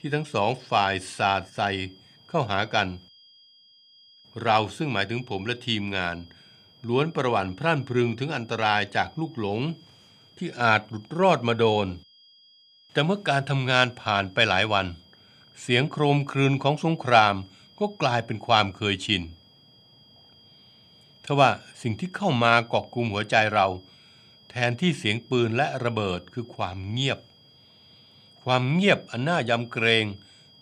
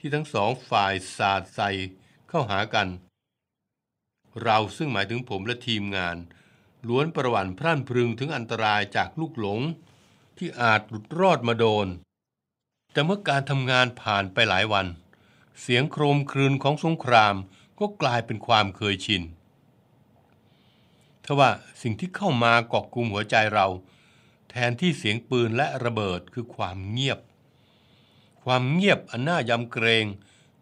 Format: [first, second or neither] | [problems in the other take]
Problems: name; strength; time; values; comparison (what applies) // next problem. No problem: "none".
second | high-pitched whine; faint; throughout; 3 kHz, 30 dB below the speech